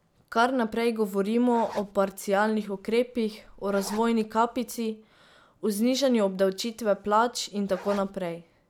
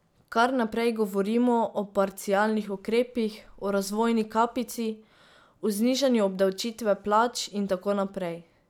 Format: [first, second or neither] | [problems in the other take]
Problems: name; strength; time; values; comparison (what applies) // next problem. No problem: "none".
second | background sound (Zipper (clothing)); 16 dB below the speech